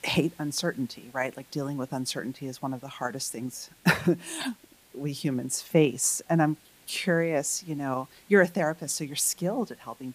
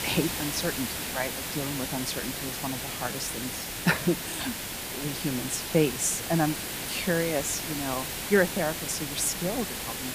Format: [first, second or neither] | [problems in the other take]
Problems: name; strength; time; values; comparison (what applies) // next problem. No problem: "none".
first | hiss; loud; throughout; 2 dB below the speech; faint in the first